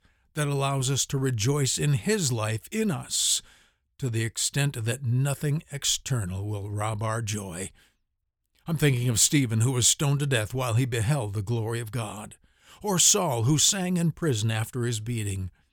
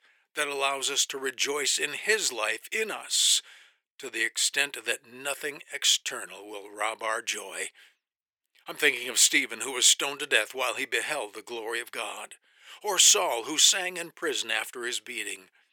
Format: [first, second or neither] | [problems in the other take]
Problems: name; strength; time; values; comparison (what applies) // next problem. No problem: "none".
first | thin; very; fading below 400 Hz